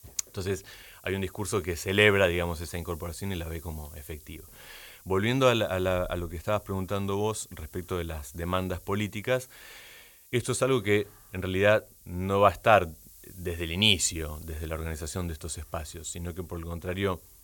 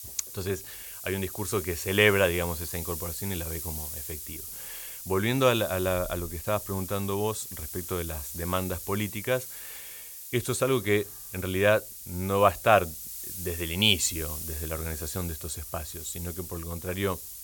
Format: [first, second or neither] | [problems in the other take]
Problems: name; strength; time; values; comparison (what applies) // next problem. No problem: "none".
first | hiss; loud; throughout; 8 dB below the speech; faint in the first